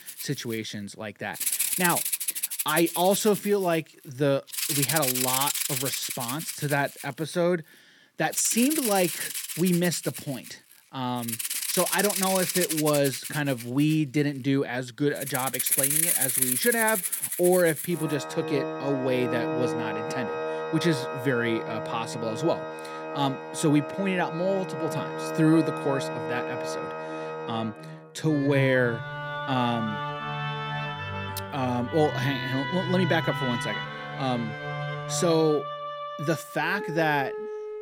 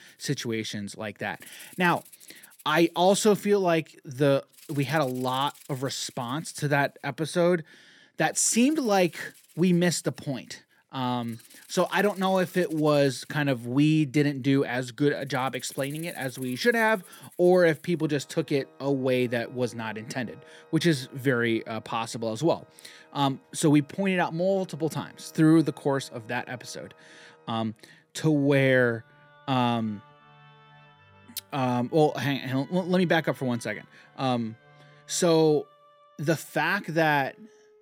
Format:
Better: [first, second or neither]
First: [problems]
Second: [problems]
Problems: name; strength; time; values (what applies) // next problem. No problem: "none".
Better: second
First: background music; loud; throughout; 2 dB below the speech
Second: background music; faint; throughout; 25 dB below the speech